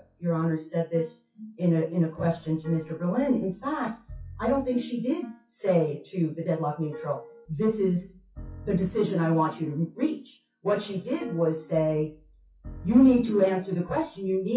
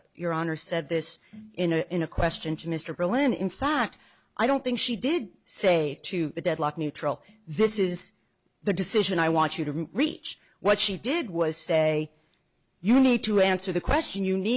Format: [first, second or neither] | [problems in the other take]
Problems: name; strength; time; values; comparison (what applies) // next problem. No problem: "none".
second | noise reduction (classical method WPE with log-MMSE)